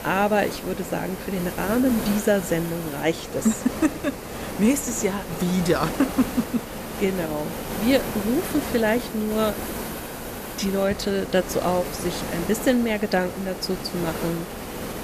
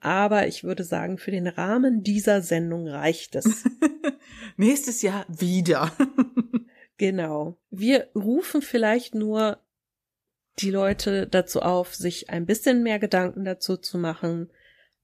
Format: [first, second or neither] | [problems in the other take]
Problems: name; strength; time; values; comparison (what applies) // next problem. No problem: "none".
second | hiss; loud; throughout; 7 dB below the speech